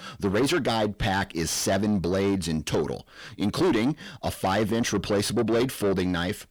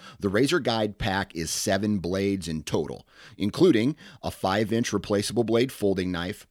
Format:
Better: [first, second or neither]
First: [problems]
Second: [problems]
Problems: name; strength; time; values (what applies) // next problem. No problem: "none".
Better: second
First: distortion; heavy; 8 dB below the speech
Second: none